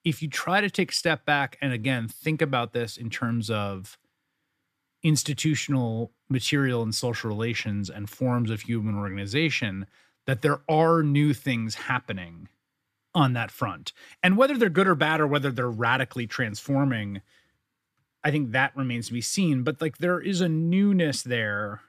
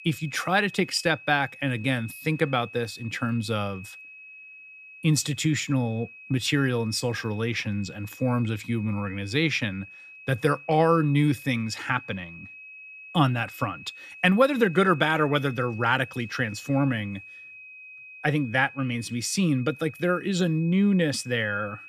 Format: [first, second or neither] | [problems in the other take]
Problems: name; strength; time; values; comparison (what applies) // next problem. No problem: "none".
first | high-pitched whine; noticeable; throughout; 2.5 kHz, 15 dB below the speech